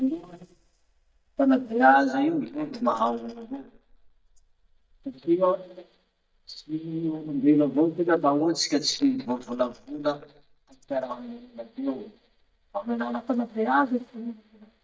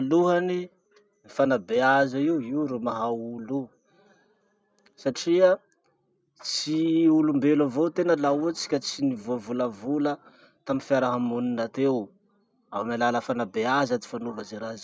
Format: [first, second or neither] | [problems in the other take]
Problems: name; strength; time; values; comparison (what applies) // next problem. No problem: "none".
second | noise reduction (neural mask model DeepFilterNet 3)